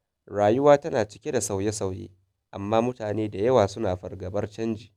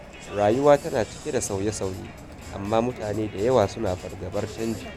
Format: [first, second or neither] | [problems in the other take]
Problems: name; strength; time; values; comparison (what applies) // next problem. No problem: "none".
first | background sound (Crowd); 14 dB below the speech